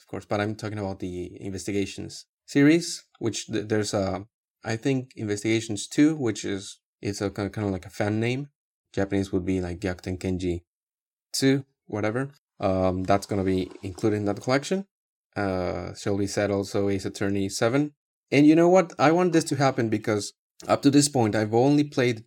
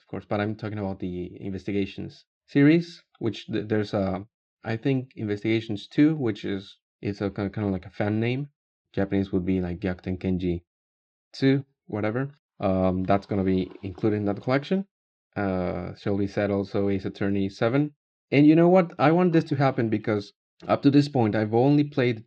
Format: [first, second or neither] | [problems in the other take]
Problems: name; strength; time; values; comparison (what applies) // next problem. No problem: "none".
first | muffled; slightly; fading above 3.5 kHz